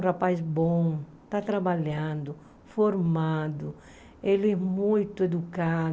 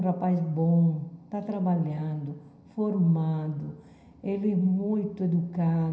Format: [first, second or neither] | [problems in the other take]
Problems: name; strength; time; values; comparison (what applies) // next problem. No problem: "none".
first | room echo; dies away in 0.9 s